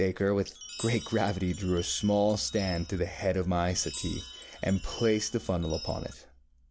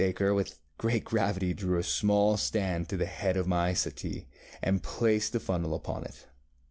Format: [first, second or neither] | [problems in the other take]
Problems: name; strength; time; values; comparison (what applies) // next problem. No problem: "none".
second | background sound (Chime); 14 dB below the speech